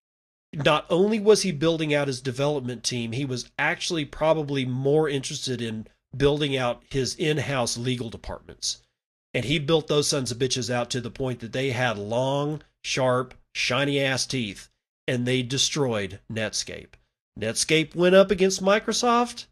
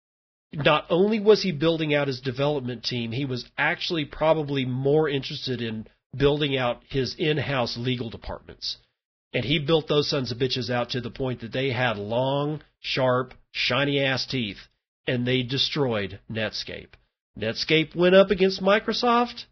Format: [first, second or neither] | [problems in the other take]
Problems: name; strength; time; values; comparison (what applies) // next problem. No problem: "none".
first | garbled, watery; badly; nothing above 5.5 kHz; slightly in the first